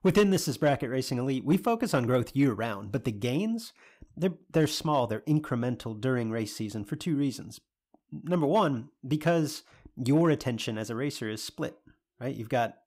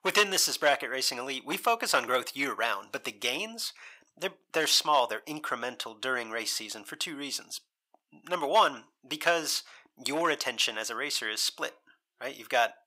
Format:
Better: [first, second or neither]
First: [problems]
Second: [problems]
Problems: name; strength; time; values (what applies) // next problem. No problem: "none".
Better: first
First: none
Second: thin; very; fading below 850 Hz